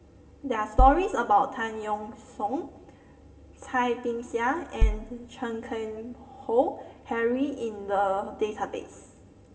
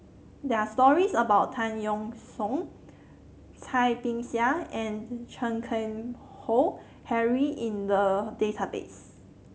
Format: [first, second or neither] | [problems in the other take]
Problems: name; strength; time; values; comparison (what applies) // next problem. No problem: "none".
second | background sound (Bass drum); 3 dB above the speech // room echo; dies away in 1.6 s